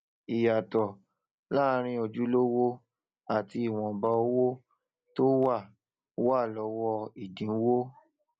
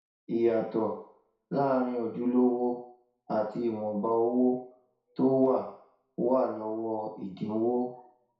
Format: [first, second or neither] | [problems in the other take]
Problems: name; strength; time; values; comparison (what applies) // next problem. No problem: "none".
first | room echo; dies away in 0.6 s